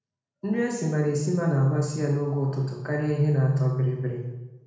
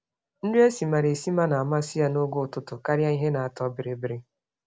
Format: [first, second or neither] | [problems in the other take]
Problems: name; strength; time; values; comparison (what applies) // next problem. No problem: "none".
second | room echo; dies away in 1 s